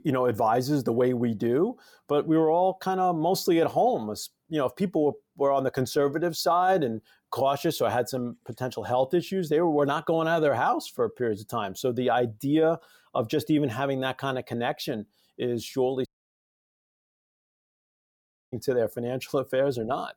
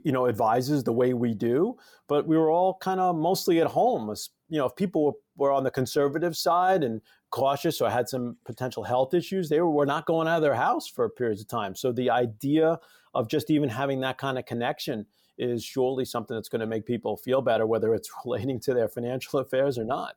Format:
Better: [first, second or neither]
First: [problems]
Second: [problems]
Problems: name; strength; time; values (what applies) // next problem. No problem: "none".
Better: second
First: audio cutting out; at 16 s for 2.5 s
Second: none